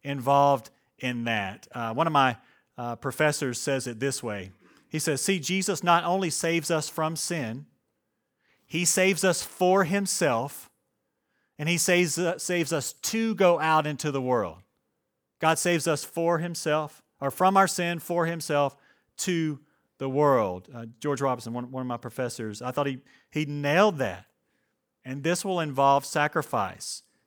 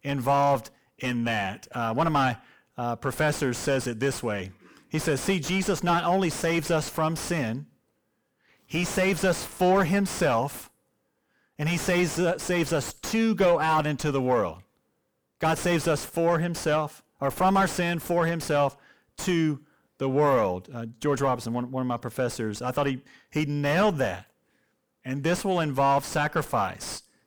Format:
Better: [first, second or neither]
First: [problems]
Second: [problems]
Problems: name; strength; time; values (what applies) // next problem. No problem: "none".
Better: first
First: none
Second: distortion; heavy; 5 dB below the speech